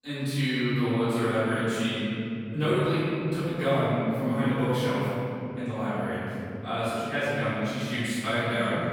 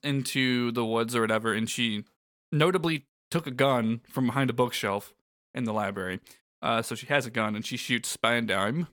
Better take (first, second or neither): second